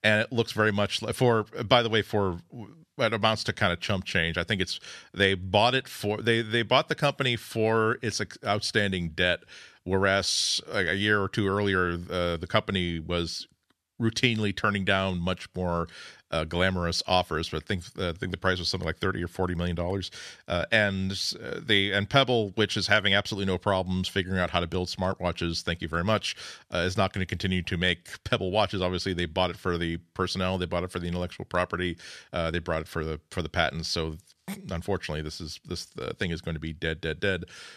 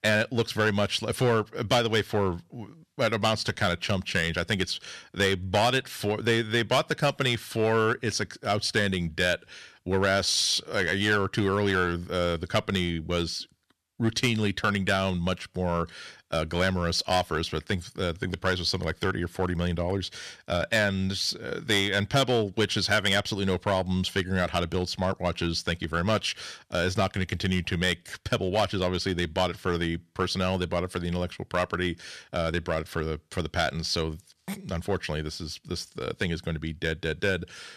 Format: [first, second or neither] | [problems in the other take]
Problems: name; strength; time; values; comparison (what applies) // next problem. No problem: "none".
first | distortion; slight; 3% of the sound clipped